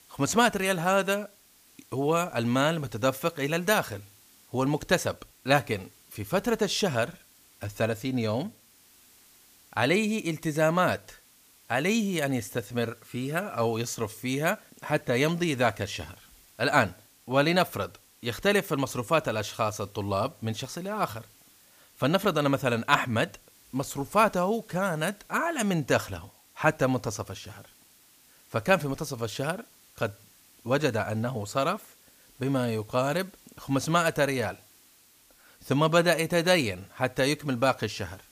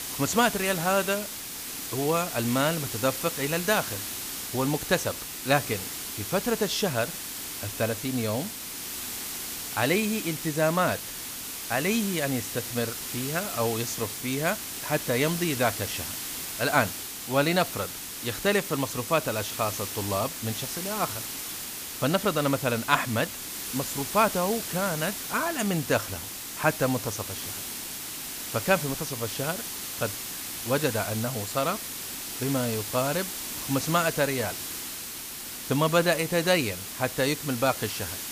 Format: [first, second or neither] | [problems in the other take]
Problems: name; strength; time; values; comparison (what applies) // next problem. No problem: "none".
first | hiss; loud; throughout; 5 dB below the speech; faint in the first